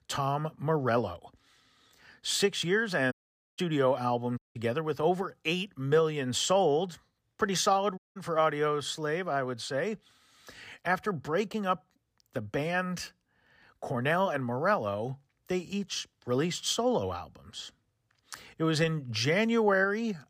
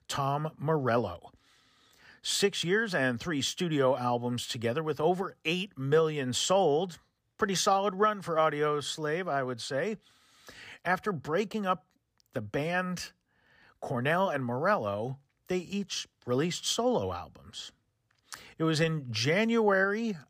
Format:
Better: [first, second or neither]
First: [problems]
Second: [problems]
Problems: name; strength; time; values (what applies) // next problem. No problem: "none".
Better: second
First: audio cutting out; at 3 s, at 4.5 s and at 8 s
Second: none